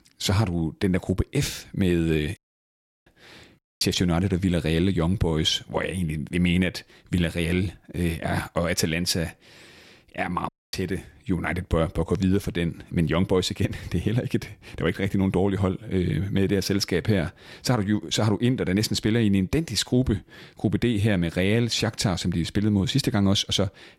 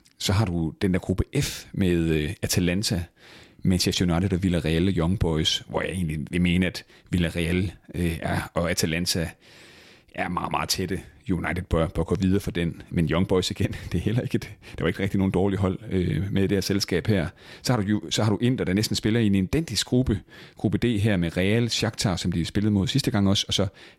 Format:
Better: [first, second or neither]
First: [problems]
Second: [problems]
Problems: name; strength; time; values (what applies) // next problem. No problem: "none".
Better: second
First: audio cutting out; at 2.5 s for 0.5 s, at 3.5 s and at 10 s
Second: none